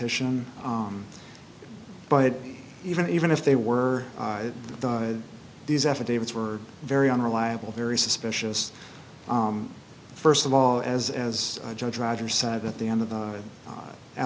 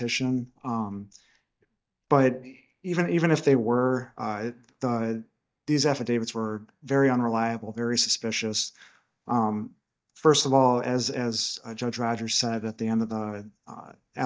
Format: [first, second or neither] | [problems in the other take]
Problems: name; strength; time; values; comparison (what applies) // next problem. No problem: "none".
first | noise reduction (neural mask model DeepFilterNet 3)